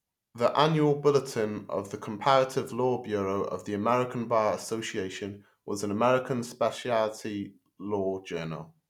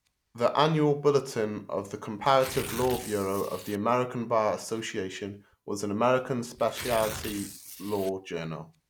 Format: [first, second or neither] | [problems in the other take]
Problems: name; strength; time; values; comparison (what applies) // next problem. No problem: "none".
first | background sound (Tearing); 16 dB below the speech